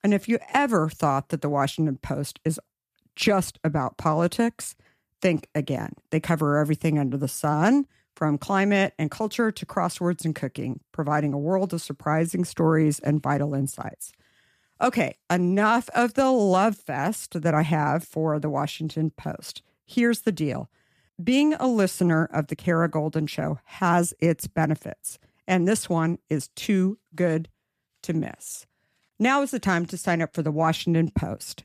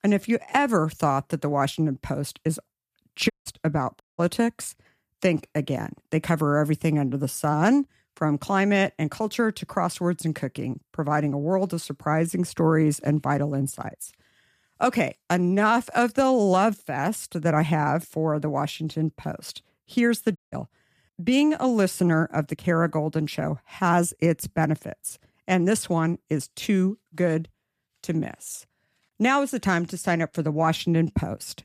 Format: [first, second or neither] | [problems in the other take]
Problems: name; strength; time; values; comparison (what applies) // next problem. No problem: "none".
first | audio cutting out; at 3.5 s, at 4 s and at 20 s